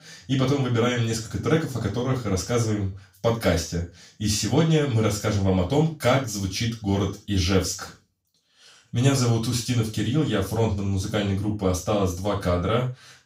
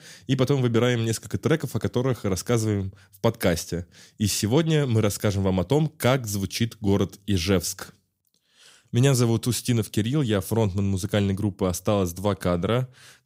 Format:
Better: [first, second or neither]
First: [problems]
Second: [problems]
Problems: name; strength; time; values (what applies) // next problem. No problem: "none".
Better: second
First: room echo; noticeable; dies away in 0.3 s // off-mic speech; far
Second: none